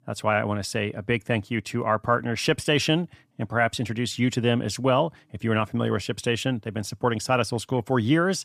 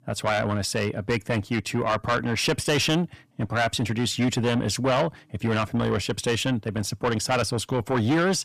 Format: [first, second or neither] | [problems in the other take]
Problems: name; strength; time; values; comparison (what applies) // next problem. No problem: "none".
first | distortion; heavy; 7 dB below the speech